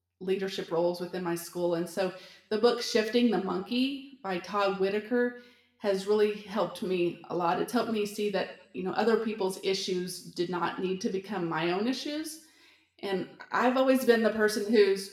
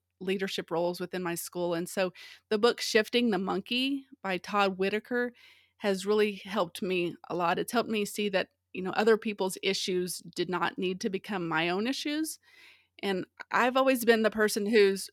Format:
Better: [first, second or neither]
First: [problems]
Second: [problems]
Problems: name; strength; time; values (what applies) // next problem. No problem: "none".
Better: second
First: room echo; slight; dies away in 0.5 s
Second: none